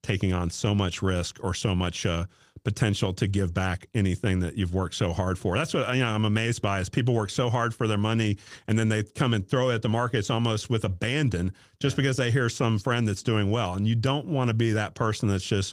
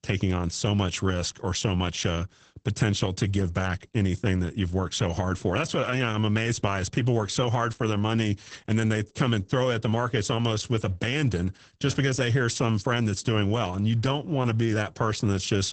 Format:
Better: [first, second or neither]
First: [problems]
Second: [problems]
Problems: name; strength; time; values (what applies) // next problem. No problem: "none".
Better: first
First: garbled, watery; slightly; nothing above 15 kHz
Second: garbled, watery; badly; nothing above 8 kHz